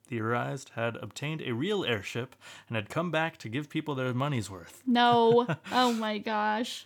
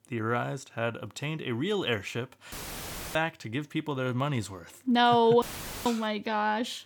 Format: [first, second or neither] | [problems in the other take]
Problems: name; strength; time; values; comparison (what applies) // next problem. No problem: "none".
first | audio cutting out; filled with static; at 2.5 s for 0.5 s and at 5.5 s